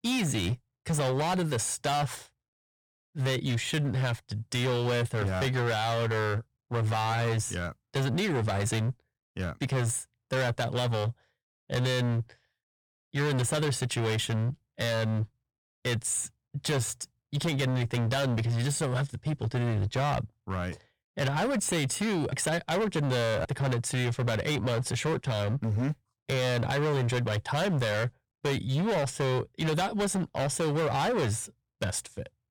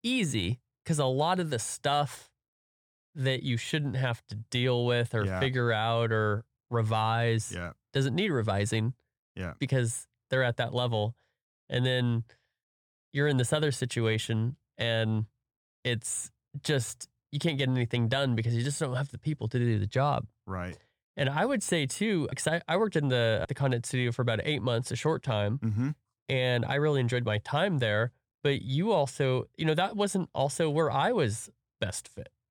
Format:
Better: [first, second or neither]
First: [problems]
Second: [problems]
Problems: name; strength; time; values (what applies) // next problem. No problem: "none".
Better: second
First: distortion; heavy; 23% of the sound clipped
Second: none